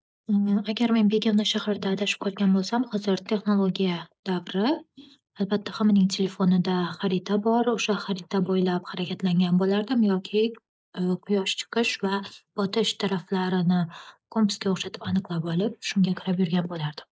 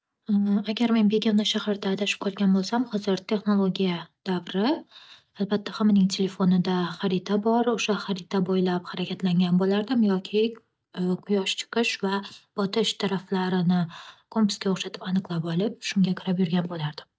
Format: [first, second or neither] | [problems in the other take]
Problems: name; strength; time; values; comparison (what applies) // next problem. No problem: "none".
second | noise reduction (neural mask model Resemble Enhance denoiser)